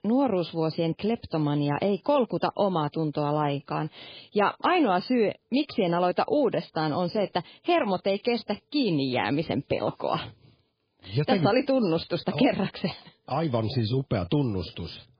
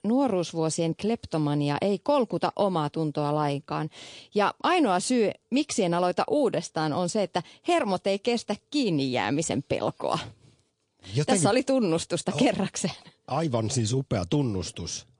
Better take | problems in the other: second | garbled, watery; badly; nothing above 4.5 kHz; slightly in the second

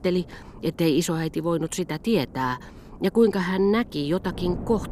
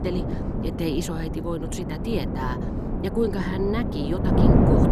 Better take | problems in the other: first | wind noise on the microphone; heavy; 1 dB above the speech; occasional gusts in the first

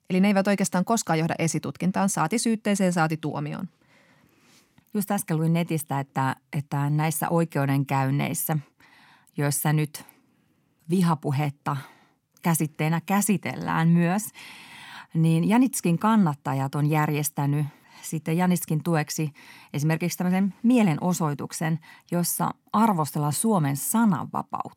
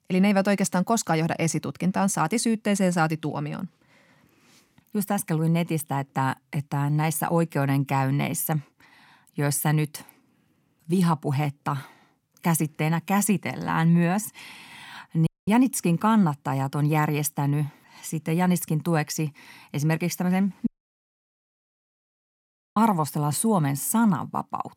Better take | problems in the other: first | audio cutting out; at 15 s and at 21 s for 2 s

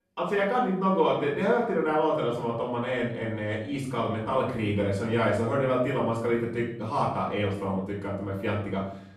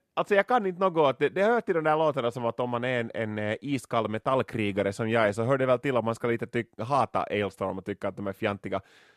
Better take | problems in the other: second | off-mic speech; far // room echo; noticeable; dies away in 0.6 s

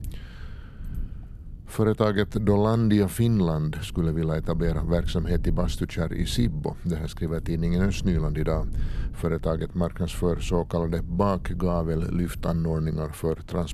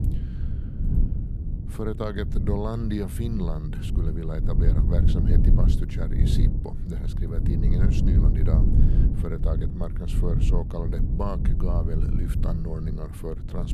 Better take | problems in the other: first | low rumble; loud; throughout; 3 dB below the speech; faint in the first

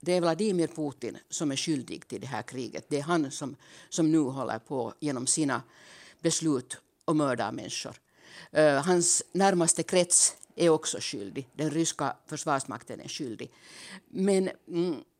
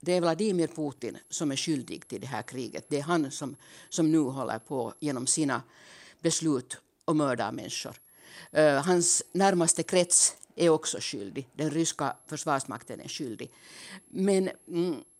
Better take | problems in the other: first | high-pitched whine; faint; from 1 to 5.5 s, from 7.5 to 10 s and from 12 s on; 11 kHz, 30 dB below the speech

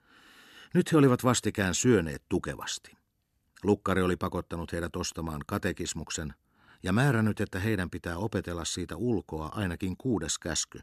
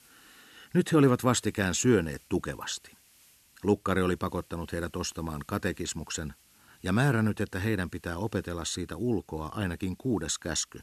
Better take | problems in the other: first | hiss; faint; throughout; 30 dB below the speech

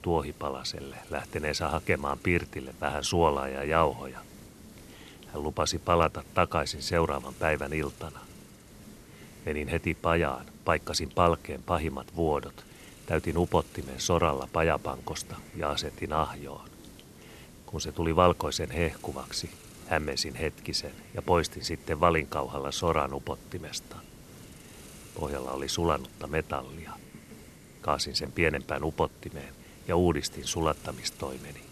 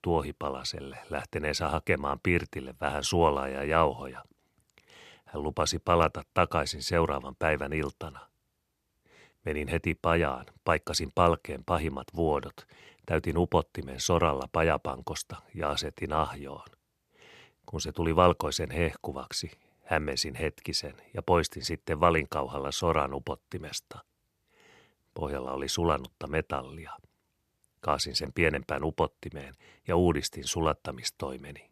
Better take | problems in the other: second | hiss; noticeable; throughout; 20 dB below the speech

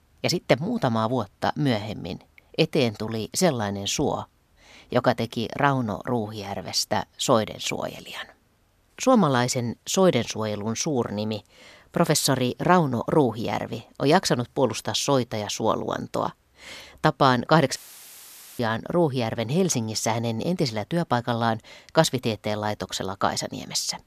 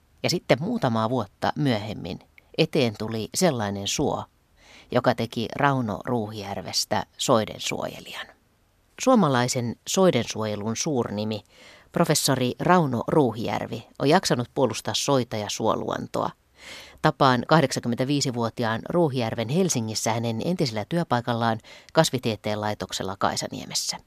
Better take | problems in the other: second | audio cutting out; filled with static; at 18 s for 1 s

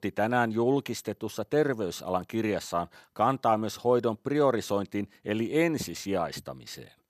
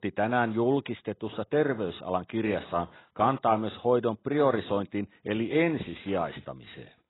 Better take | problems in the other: first | garbled, watery; badly; nothing above 4 kHz

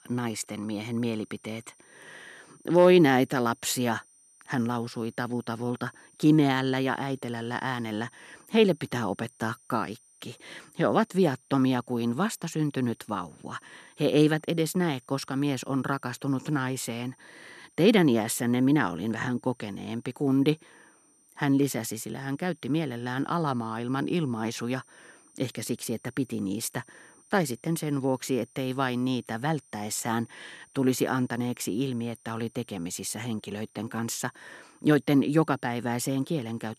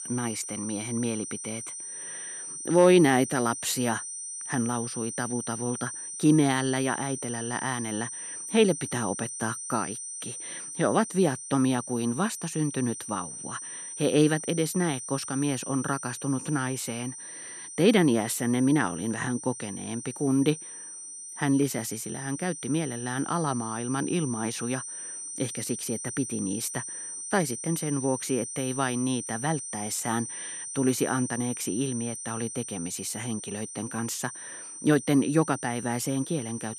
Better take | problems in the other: first | high-pitched whine; loud; throughout; 9 kHz, 8 dB below the speech; faint in the first

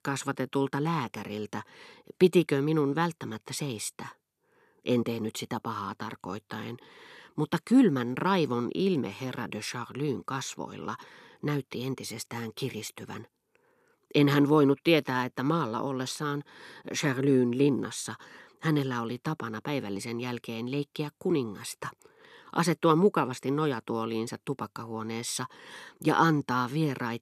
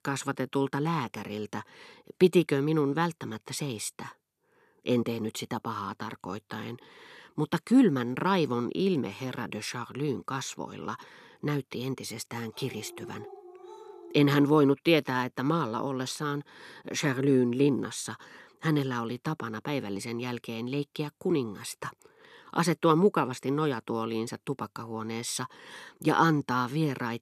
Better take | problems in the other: first | dog barking; faint; from 13 to 14 s; peak 15 dB below the speech

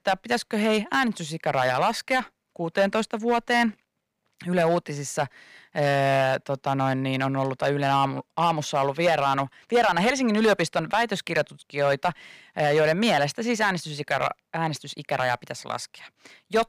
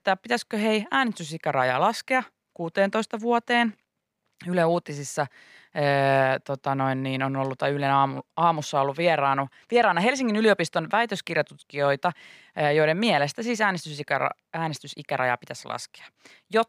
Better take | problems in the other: second | distortion; slight; 4% of the sound clipped

